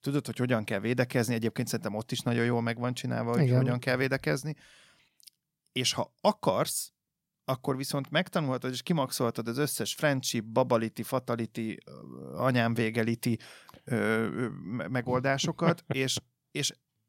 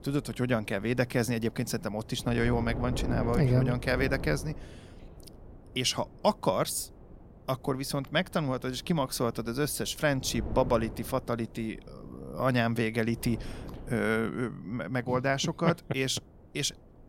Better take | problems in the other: first | wind noise on the microphone; occasional gusts; 15 dB below the speech

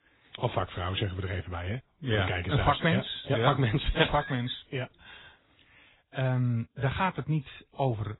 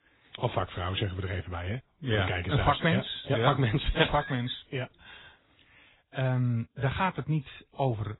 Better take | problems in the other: neither | garbled, watery; badly; nothing above 4 kHz; the same in both

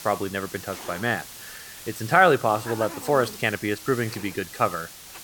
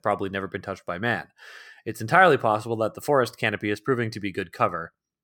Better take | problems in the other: second | hiss; noticeable; throughout; 15 dB below the speech

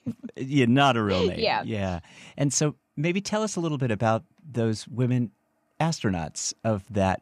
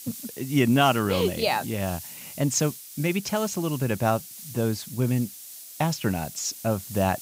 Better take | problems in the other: first | hiss; noticeable; throughout; 10 dB below the speech

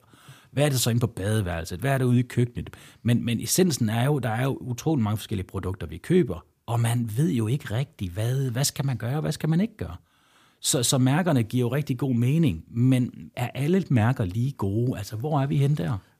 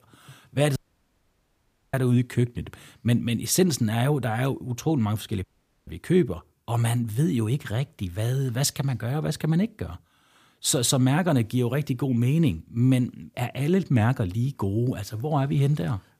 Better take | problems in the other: first | audio cutting out; at 1 s for 1 s and at 5.5 s

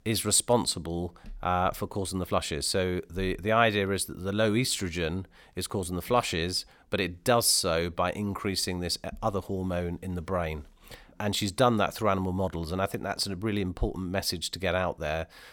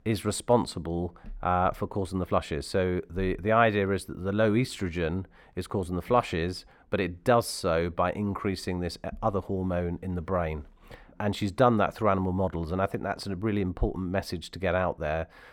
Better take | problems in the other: first | muffled; slightly; fading above 3 kHz

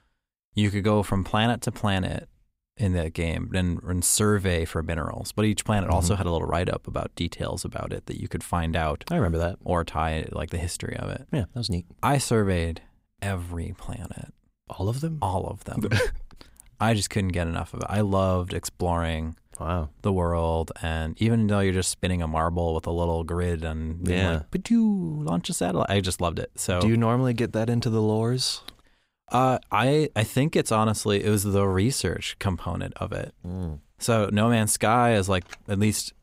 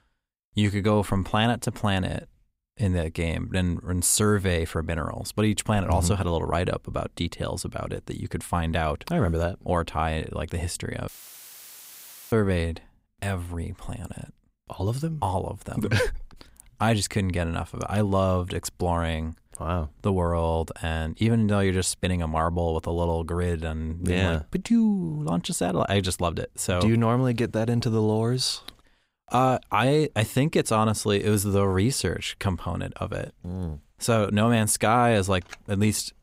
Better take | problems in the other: first | audio cutting out; filled with static; at 11 s for 1 s

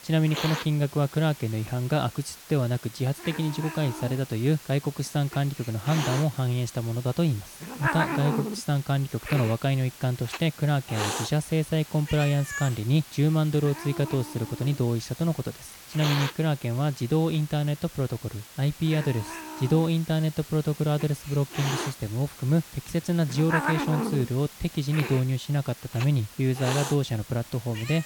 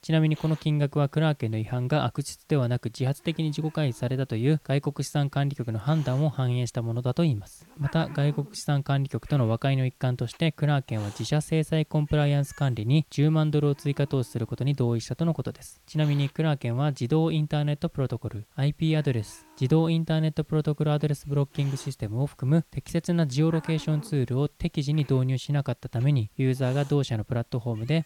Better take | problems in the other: second | hiss; loud; throughout; 9 dB below the speech; faint in the second

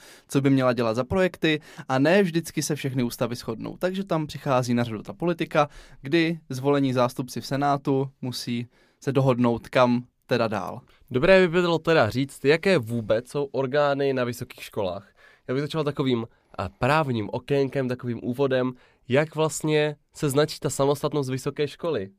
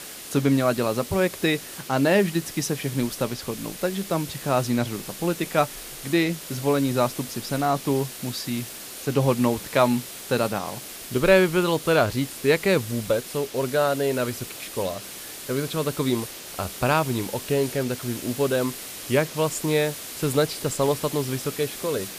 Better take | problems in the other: first | hiss; noticeable; throughout; 10 dB below the speech

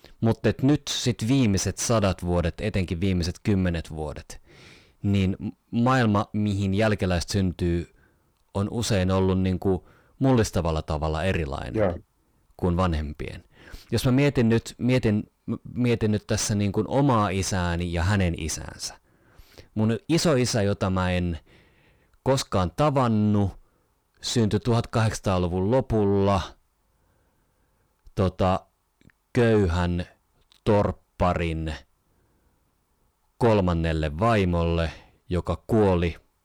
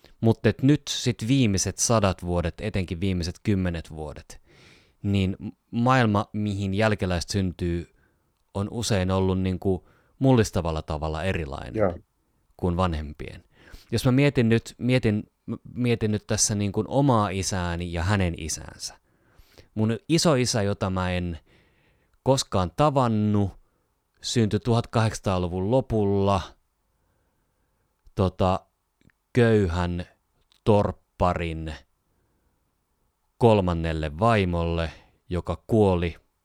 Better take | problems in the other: second | distortion; slight; 10 dB below the speech

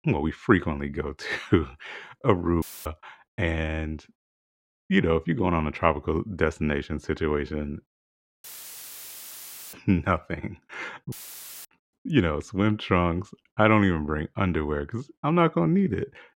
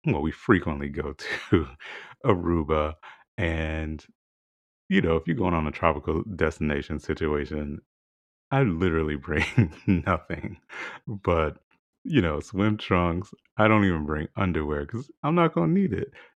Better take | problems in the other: second | audio cutting out; filled with static; at 2.5 s, at 8.5 s for 1.5 s and at 11 s for 0.5 s

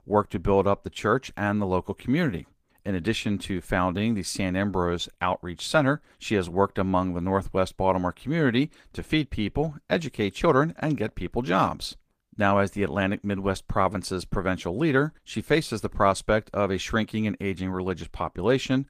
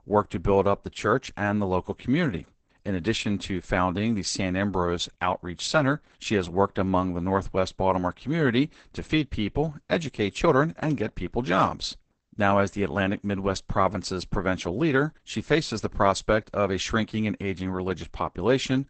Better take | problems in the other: first | garbled, watery; badly; nothing above 8 kHz; slightly in the first

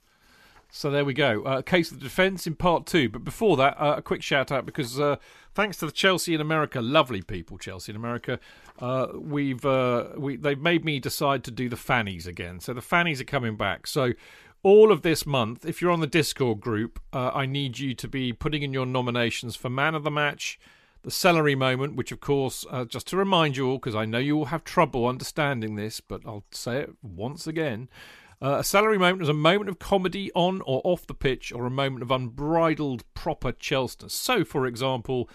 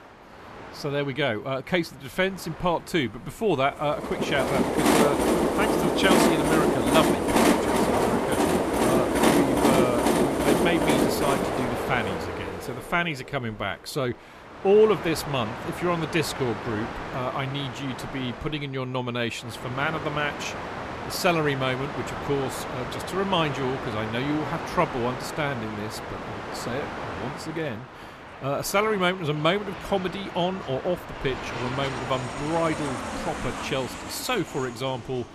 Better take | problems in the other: first | train or aircraft noise; very loud; throughout; 1 dB above the speech

